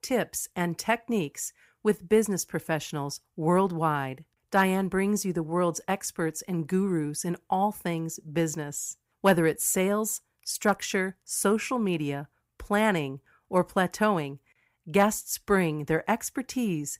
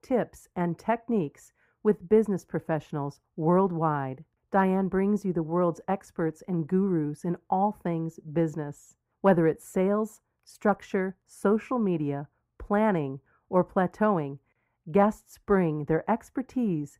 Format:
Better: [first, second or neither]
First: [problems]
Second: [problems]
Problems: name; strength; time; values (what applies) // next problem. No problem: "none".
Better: first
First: none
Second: muffled; very; fading above 2 kHz